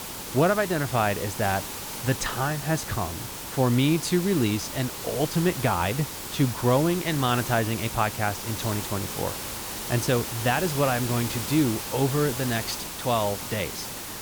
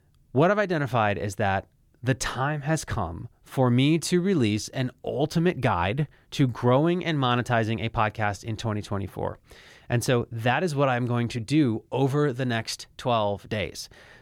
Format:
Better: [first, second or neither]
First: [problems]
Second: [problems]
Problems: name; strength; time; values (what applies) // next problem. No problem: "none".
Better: second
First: hiss; loud; throughout; 6 dB below the speech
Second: none